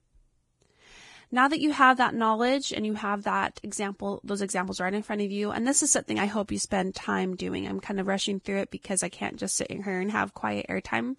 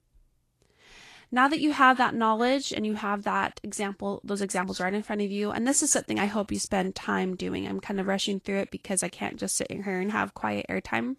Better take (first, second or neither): second